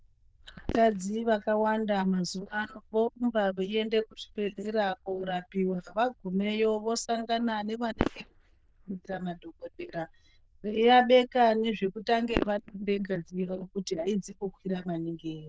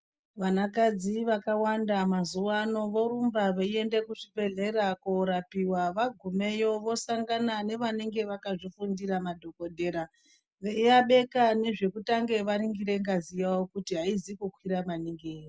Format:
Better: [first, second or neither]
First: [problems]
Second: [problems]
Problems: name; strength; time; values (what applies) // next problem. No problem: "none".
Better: second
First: noise reduction (neural diffusion model UNIVERSE++)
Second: none